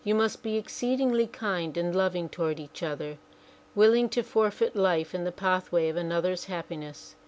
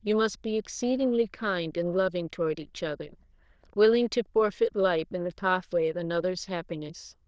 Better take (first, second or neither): first